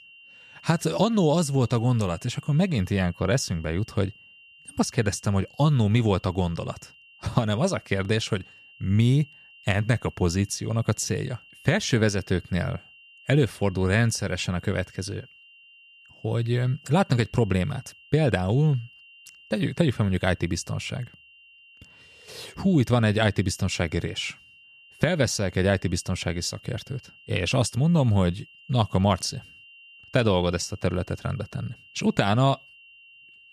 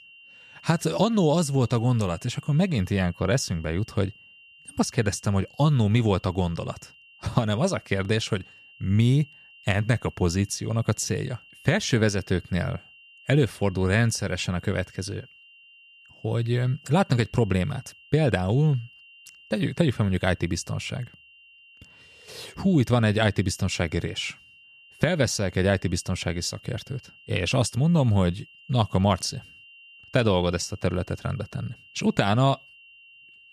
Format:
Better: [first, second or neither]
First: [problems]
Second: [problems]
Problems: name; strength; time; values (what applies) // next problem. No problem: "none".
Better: neither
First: high-pitched whine; faint; throughout; 3 kHz, 25 dB below the speech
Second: high-pitched whine; faint; throughout; 3 kHz, 25 dB below the speech